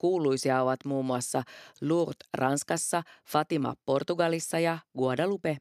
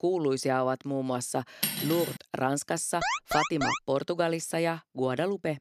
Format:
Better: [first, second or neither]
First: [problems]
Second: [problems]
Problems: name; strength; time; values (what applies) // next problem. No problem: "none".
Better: first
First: none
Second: clattering dishes; loud; at 1.5 s; peak 1 dB above the speech // alarm; loud; at 3 s; peak 1 dB above the speech